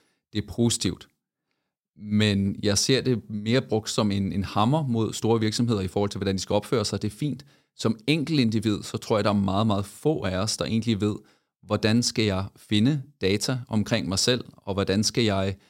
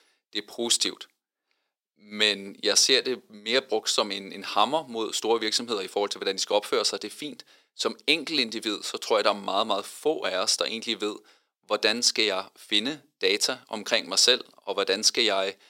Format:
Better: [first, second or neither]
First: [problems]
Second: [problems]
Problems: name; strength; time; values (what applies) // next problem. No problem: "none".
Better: first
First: none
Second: thin; very; fading below 400 Hz